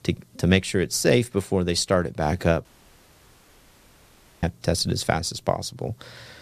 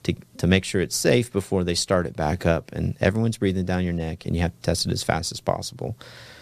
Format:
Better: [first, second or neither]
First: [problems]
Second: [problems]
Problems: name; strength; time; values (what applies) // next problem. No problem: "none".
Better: second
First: audio cutting out; at 2.5 s for 2 s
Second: none